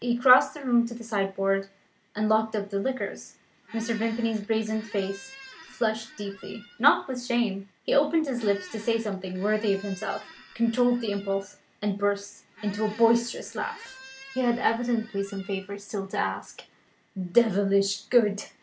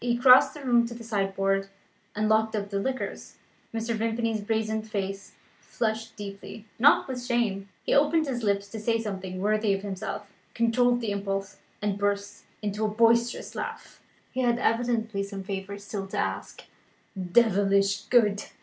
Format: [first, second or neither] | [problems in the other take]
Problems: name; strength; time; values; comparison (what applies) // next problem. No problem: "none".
second | background sound (Squeak); 20 dB below the speech